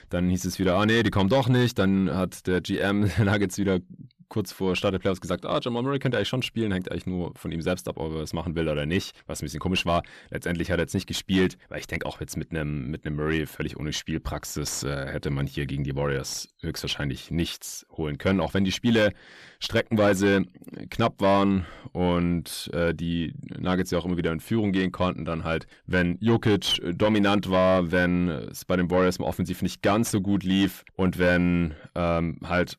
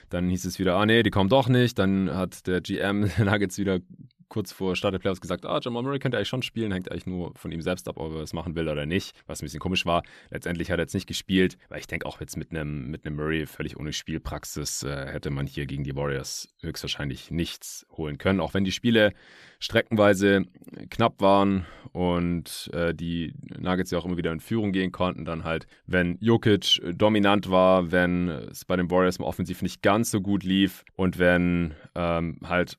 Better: second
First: distortion; slight; 10 dB below the speech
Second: none

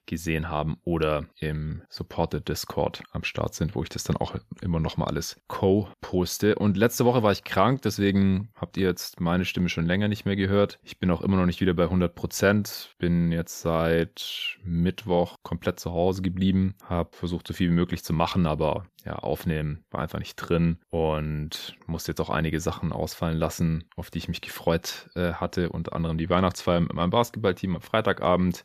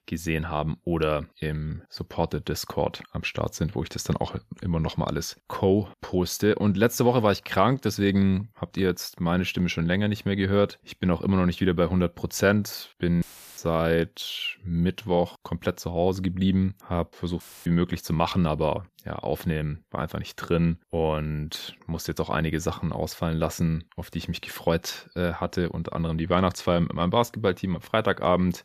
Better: first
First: none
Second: audio cutting out; filled with static; at 13 s and at 17 s

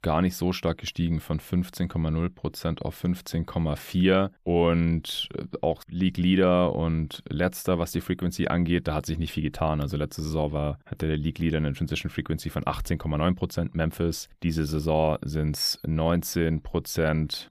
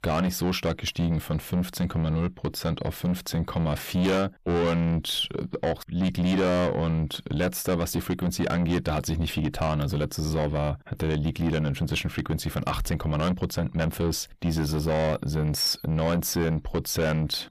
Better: first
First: none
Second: distortion; heavy; 7 dB below the speech

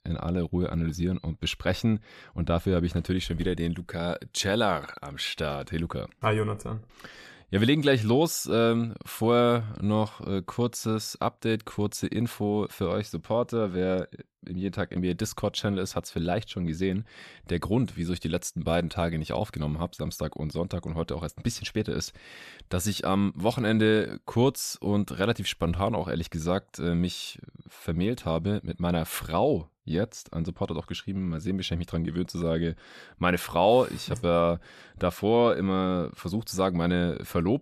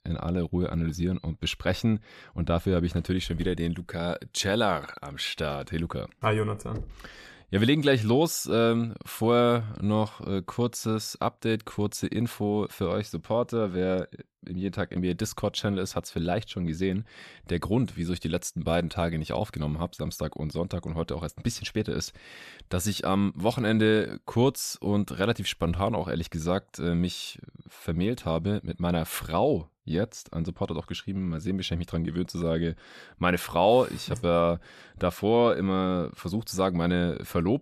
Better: first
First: none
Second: door banging; faint; at 6.5 s; peak 15 dB below the speech

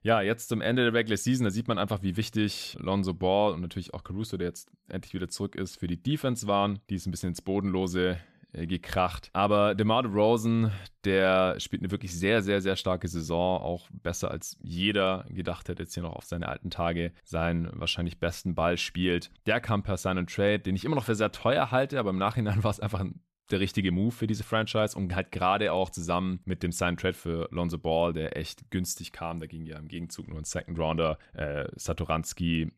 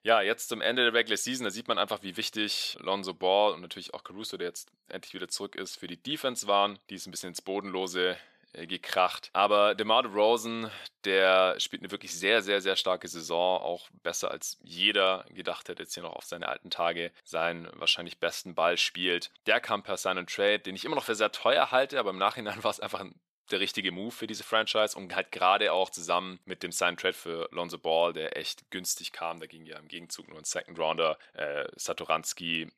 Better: first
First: none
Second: thin; somewhat; fading below 450 Hz

